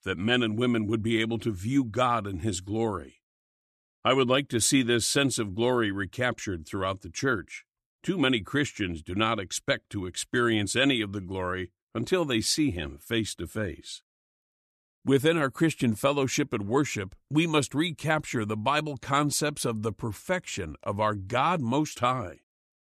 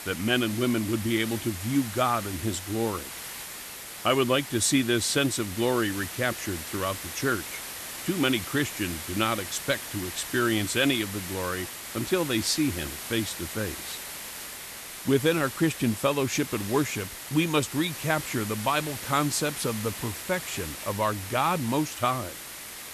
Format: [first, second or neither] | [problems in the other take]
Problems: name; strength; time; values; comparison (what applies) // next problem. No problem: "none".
first | hiss; loud; throughout; 8 dB below the speech